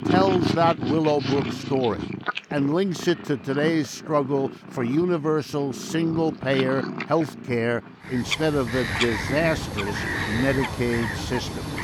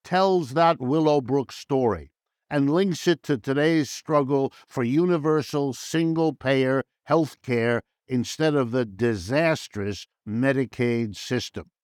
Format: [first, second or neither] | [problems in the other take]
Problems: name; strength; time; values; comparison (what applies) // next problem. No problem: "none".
second | animal sounds; loud; throughout; 5 dB below the speech